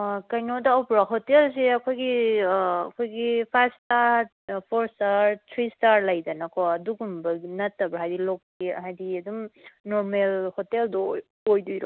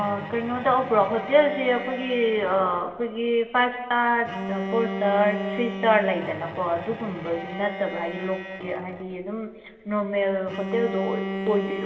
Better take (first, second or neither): first